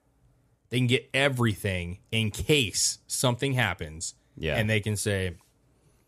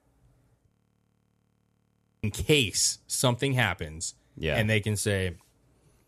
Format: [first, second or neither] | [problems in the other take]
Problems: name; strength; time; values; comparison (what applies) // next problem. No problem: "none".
first | audio freezing; at 0.5 s for 1.5 s